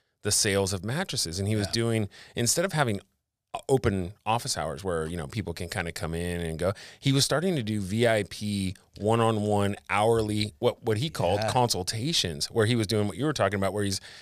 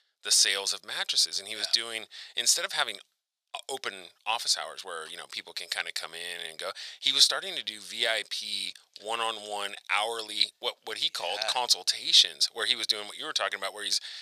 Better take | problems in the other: first | thin; very; fading below 850 Hz

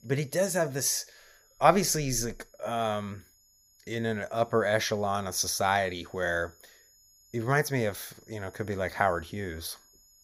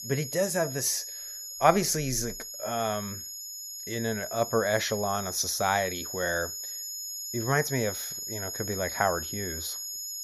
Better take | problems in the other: first | high-pitched whine; loud; throughout; 6.5 kHz, 6 dB below the speech; faint in the first

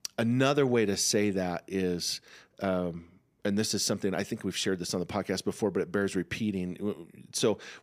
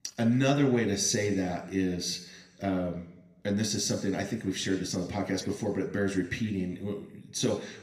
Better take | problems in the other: first | room echo; slight; dies away in 0.8 s

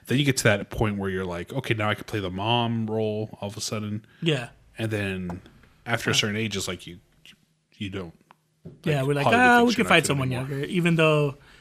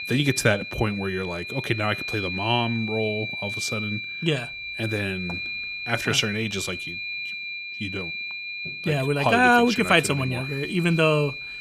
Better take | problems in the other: first | high-pitched whine; loud; throughout; 2.5 kHz, 6 dB below the speech

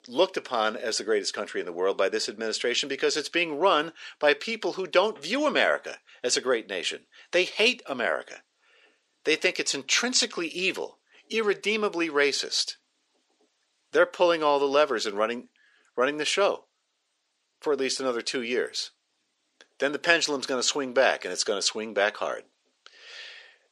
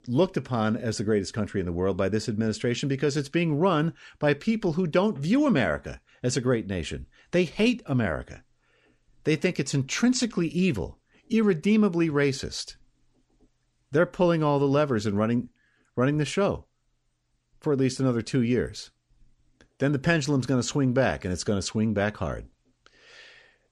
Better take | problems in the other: second | thin; very; fading below 450 Hz

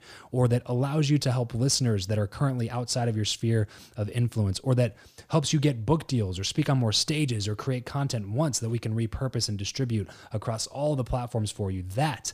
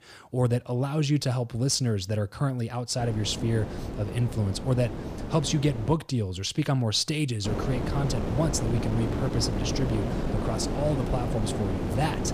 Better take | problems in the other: first | wind noise on the microphone; heavy; from 3 to 6 s and from 7.5 s on; 4 dB below the speech

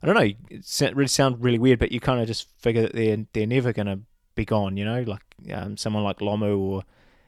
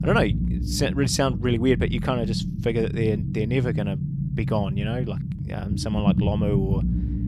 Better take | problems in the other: first | low rumble; loud; throughout; 9 dB below the speech

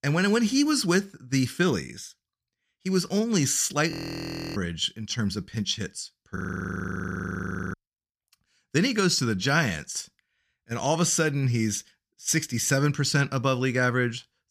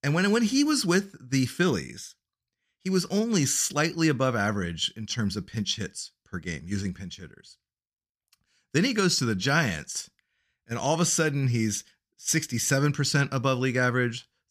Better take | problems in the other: second | audio freezing; at 4 s for 0.5 s and at 6.5 s for 1.5 s

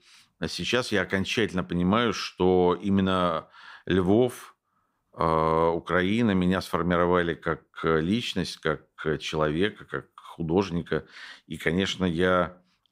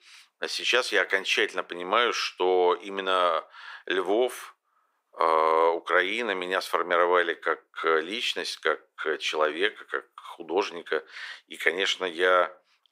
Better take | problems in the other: first | thin; very; fading below 400 Hz

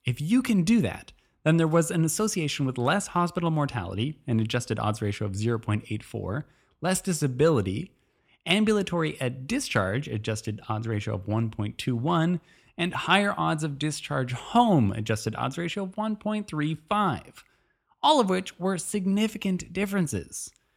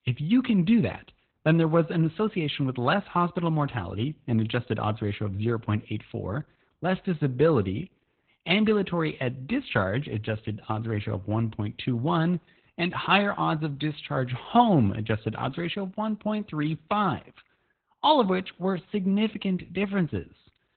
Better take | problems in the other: first | garbled, watery; badly; nothing above 4 kHz

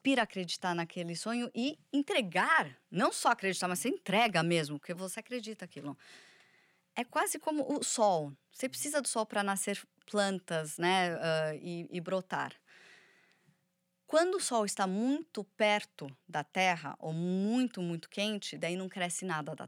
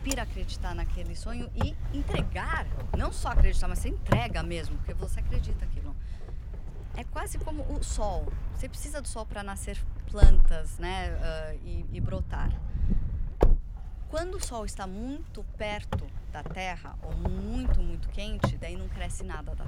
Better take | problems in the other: first | wind noise on the microphone; heavy; 3 dB below the speech

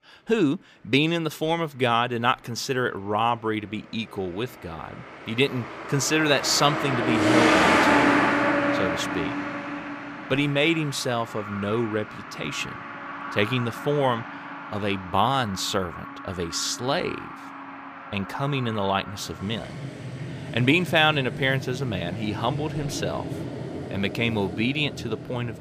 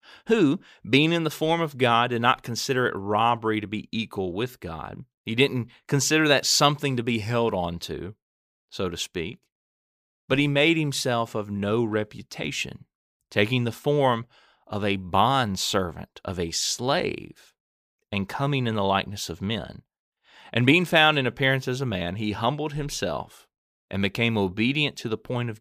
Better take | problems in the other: second | traffic noise; loud; throughout; 3 dB below the speech

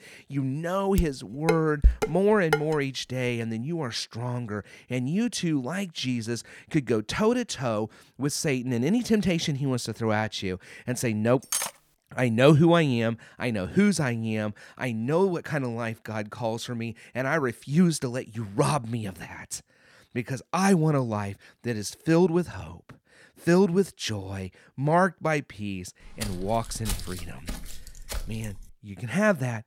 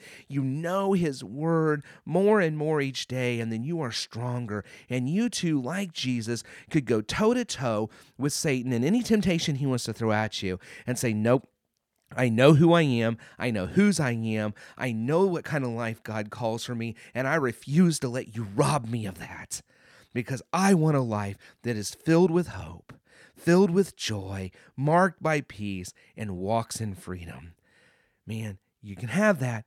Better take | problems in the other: second | clattering dishes; loud; from 1 to 2.5 s; peak 1 dB above the speech // clattering dishes; noticeable; at 12 s; peak 2 dB below the speech // footsteps; noticeable; from 26 to 29 s; peak 7 dB below the speech

